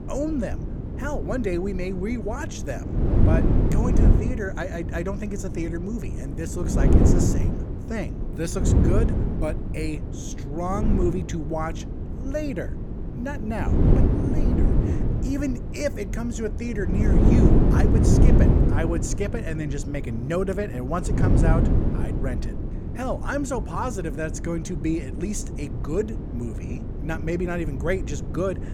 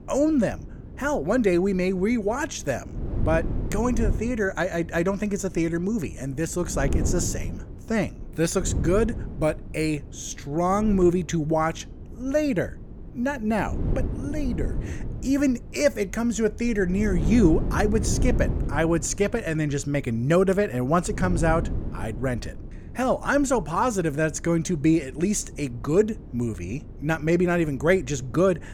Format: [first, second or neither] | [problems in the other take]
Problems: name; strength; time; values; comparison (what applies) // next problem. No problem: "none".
second | wind noise on the microphone; heavy; 2 dB below the speech; occasional gusts in the second